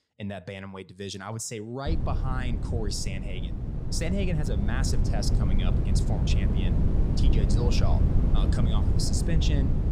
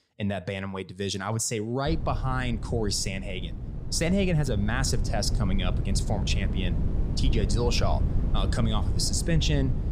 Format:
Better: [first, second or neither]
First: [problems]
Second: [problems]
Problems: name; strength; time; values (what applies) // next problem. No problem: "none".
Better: second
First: wind noise on the microphone; heavy; from 2 s on; 2 dB below the speech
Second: wind noise on the microphone; occasional gusts; from 2 s on; 10 dB below the speech